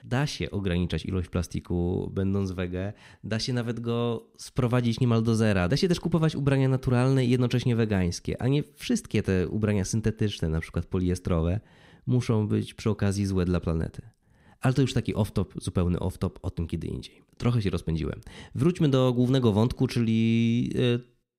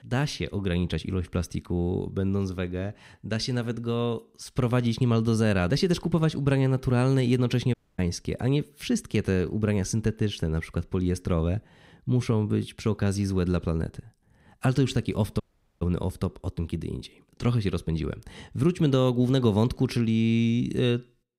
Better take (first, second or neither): first